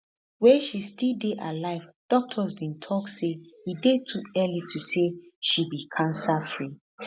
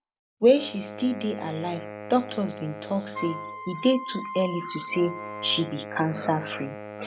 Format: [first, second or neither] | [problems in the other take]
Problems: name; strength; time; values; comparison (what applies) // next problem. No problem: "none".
first | background sound (Wind instrument, woodwind instrument + Wind instrument, woodwind instrument); 11 dB below the speech